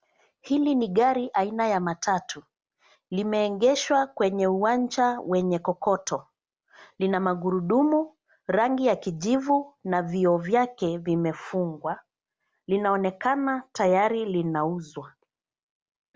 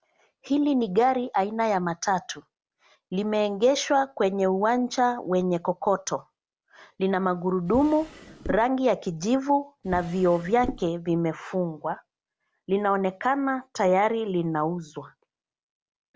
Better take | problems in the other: first | background sound (Drawer open or close); 11 dB below the speech

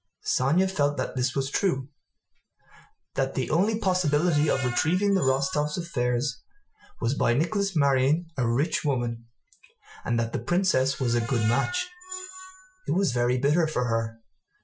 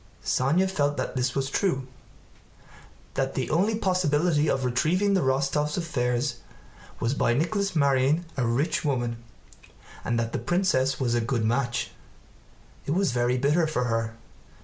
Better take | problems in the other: second | noise reduction (classical method Wiener filter)

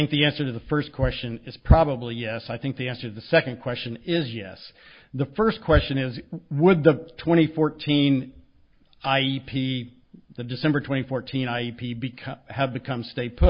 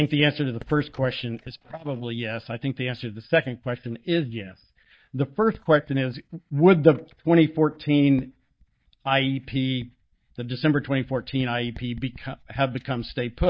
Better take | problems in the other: first | noise reduction (neural mask model DeepFilterNet 3)

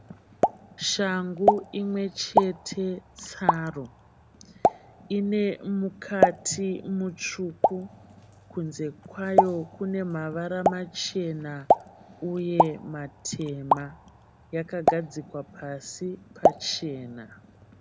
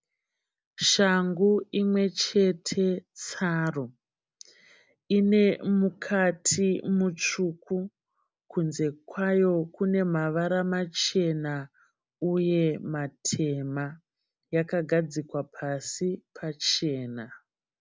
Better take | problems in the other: second | background sound (Explosion); 2 dB above the speech

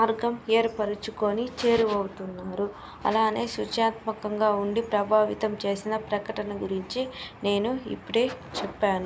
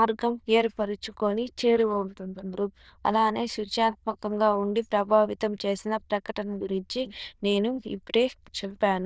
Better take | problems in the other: first | noise reduction (neural diffusion model UNIVERSE++)

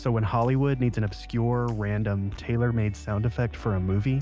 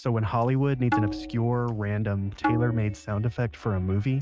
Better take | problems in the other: first | noise reduction (neural mask model RNNoise)

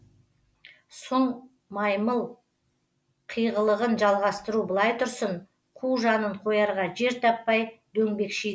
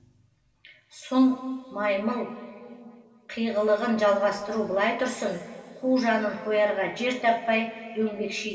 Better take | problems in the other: first | room echo; dies away in 2.5 s

